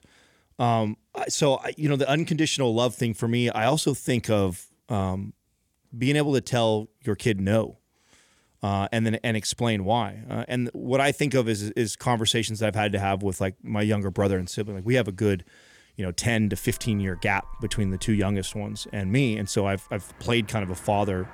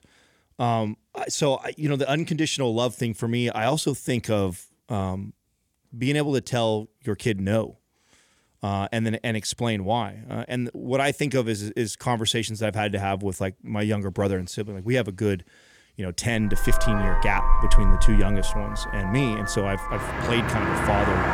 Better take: first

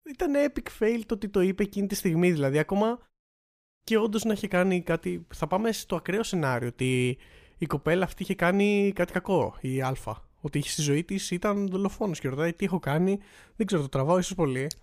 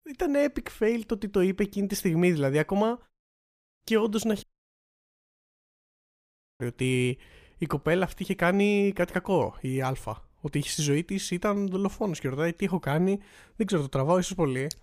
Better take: first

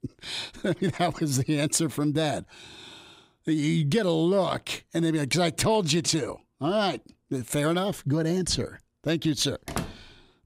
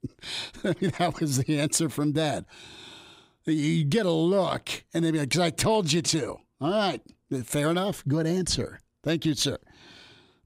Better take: second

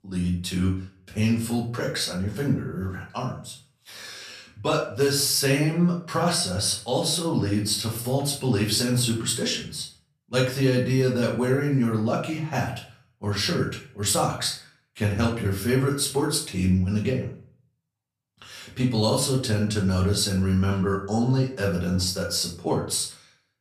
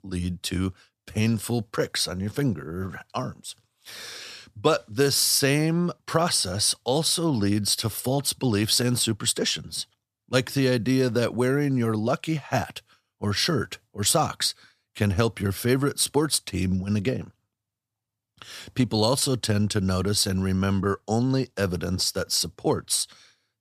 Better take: second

